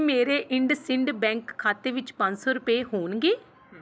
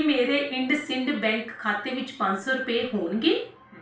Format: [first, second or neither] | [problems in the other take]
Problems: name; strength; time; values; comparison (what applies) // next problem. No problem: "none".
first | room echo; dies away in 0.3 s